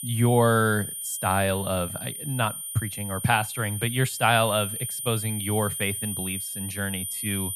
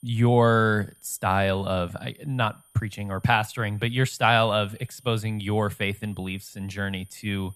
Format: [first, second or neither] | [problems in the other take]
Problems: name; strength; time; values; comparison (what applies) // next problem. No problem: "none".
second | high-pitched whine; loud; throughout; 9.5 kHz, 5 dB below the speech; faint in the second